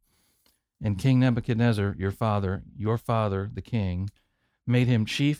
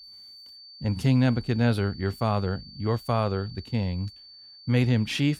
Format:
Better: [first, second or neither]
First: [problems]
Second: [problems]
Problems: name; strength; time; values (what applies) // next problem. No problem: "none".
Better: first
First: none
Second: high-pitched whine; noticeable; throughout; 4.5 kHz, 20 dB below the speech